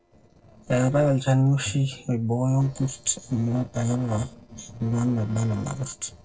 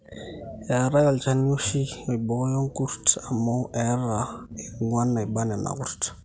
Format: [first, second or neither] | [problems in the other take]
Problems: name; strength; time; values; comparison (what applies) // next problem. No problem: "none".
second | noise reduction (neural separator model SepFormer DNS4)